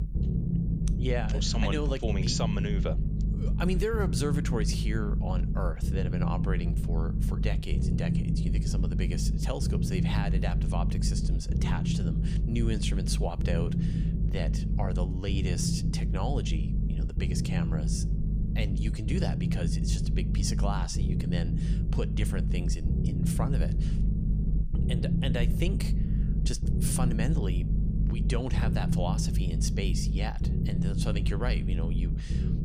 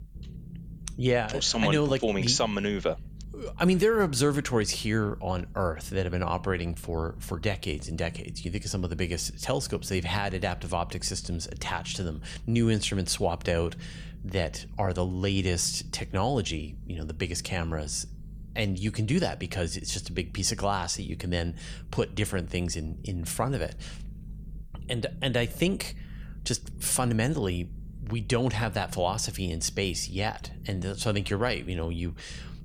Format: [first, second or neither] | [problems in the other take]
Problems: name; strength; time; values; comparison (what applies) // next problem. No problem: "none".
second | low rumble; loud; throughout; 4 dB below the speech; faint in the second